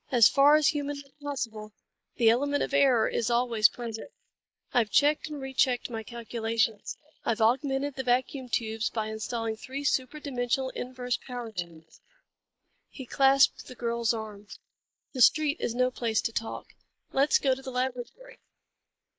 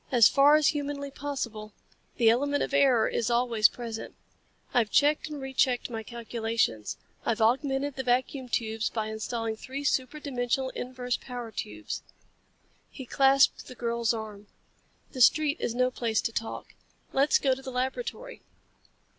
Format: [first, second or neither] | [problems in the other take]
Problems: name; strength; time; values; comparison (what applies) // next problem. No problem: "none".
second | noise reduction (neural mask model Resemble Enhance denoiser)